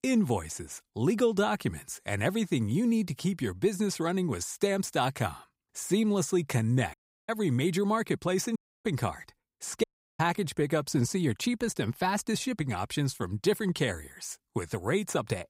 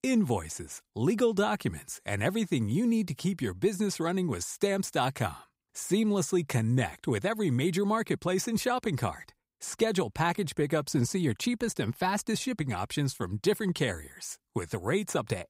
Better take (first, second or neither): second